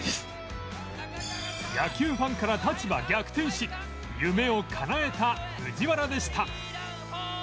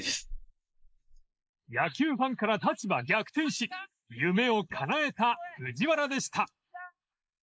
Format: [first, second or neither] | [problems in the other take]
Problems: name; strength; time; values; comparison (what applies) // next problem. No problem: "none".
first | noise reduction (neural mask model Resemble Enhance denoiser)